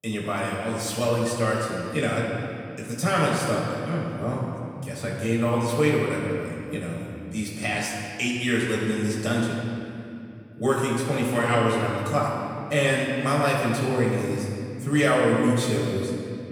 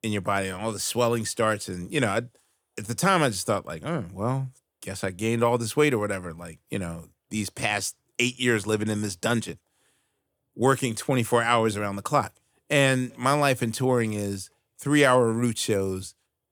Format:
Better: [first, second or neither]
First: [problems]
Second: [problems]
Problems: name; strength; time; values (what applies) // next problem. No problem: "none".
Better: second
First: off-mic speech; far // room echo; noticeable; dies away in 2.5 s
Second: none